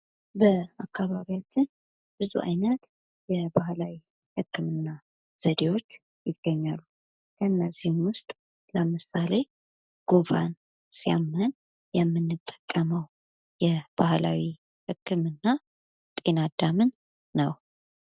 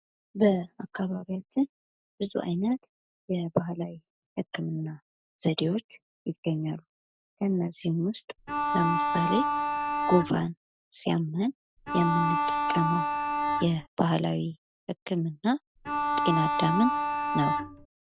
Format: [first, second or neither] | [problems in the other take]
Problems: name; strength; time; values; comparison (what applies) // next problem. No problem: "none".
first | background sound (Bowed string instrument); 2 dB above the speech